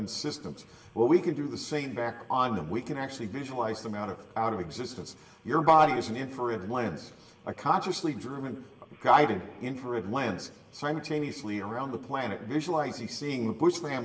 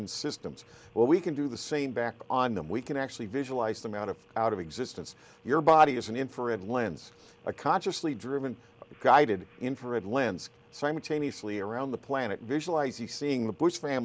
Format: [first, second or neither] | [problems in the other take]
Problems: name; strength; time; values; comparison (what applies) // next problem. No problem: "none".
second | room echo; dies away in 0.8 s